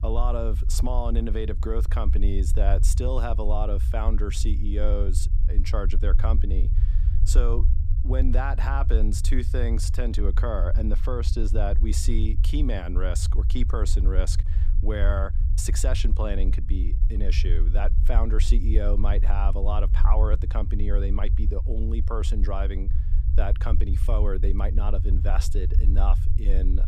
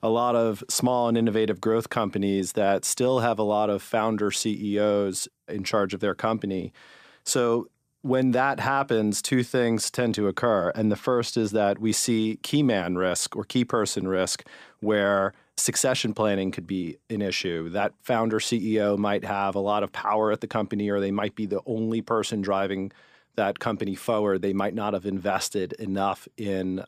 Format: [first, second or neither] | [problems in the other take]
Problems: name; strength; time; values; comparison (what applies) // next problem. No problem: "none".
second | low rumble; noticeable; throughout; 10 dB below the speech